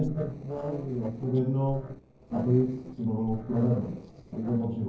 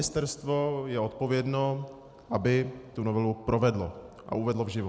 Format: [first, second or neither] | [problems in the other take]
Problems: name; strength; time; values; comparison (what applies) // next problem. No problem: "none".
second | noise reduction (neural separator model SepFormer DNS4)